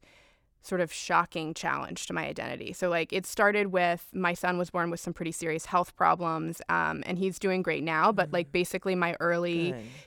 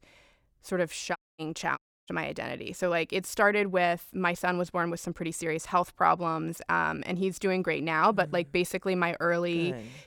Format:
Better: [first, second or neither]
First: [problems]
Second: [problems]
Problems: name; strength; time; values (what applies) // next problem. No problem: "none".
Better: first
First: none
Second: audio cutting out; at 1 s and at 2 s